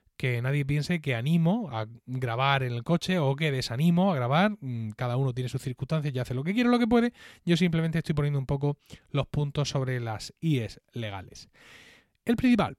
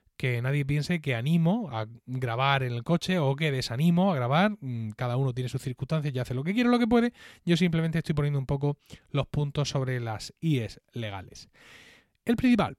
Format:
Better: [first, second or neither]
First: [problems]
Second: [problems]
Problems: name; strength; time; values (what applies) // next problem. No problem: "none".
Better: neither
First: none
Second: none